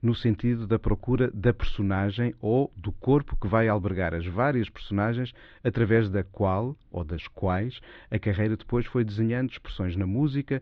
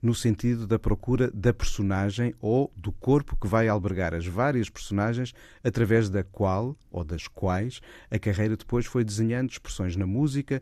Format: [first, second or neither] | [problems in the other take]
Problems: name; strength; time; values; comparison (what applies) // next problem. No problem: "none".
second | muffled; very; fading above 4 kHz